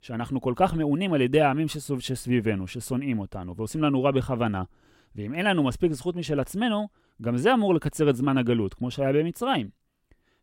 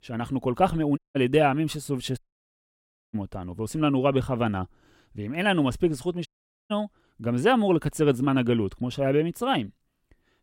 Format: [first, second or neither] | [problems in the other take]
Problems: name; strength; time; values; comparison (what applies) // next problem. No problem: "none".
first | audio cutting out; at 1 s, at 2 s for 1 s and at 6.5 s